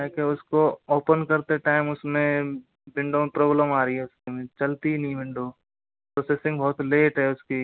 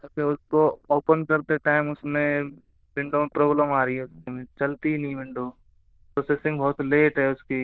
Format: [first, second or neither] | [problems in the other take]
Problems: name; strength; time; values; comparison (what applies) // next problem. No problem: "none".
first | noise reduction (neural diffusion model UNIVERSE++)